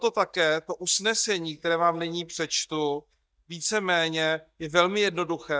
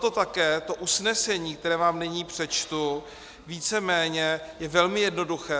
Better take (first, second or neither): second